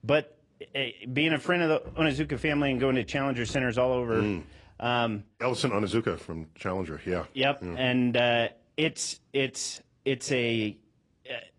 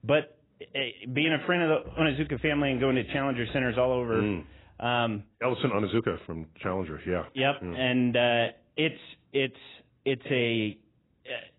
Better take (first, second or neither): first